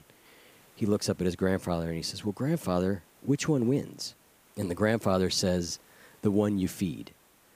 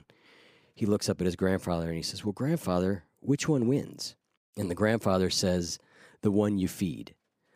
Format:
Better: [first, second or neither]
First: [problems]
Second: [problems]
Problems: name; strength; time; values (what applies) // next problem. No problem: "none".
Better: second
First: hiss; faint; throughout; 30 dB below the speech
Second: none